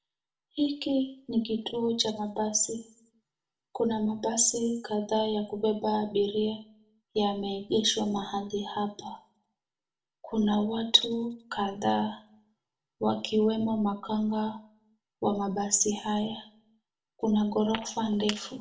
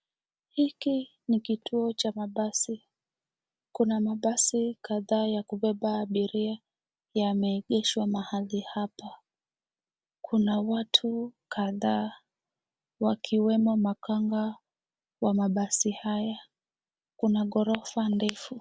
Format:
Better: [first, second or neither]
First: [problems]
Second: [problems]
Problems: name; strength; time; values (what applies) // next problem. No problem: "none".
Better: second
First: room echo; dies away in 0.3 s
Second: none